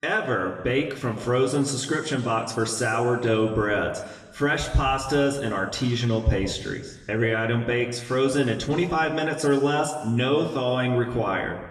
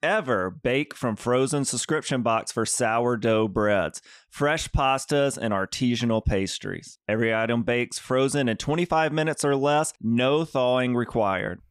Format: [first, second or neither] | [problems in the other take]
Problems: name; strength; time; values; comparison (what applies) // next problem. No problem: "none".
second | room echo; slight; dies away in 1.1 s // off-mic speech; somewhat distant